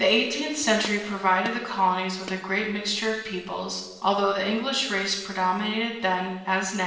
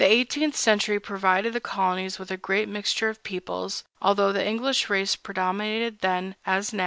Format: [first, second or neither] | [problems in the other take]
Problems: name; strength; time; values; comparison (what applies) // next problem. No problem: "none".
second | background sound (Gunshot, gunfire); 18 dB below the speech // room echo; dies away in 1 s